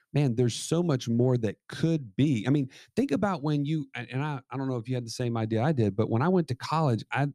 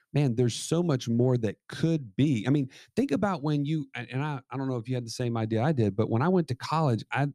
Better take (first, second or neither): neither